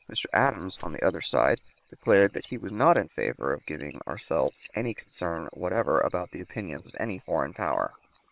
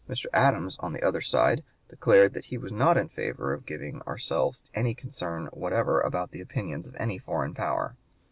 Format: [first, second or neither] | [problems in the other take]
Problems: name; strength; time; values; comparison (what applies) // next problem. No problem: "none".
second | noise reduction (neural separator model SepFormer WHAM!)